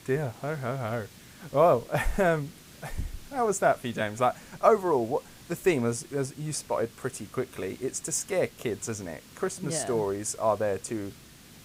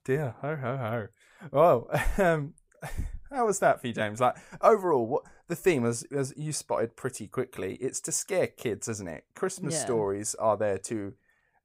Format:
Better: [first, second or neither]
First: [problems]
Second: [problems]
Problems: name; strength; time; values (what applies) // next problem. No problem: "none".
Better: second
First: hiss; faint; throughout; 20 dB below the speech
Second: none